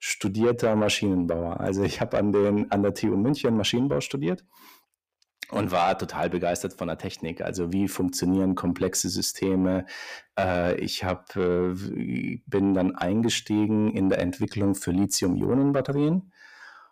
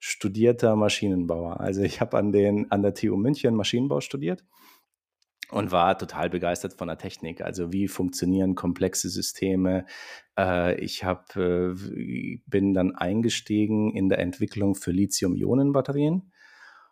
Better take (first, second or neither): second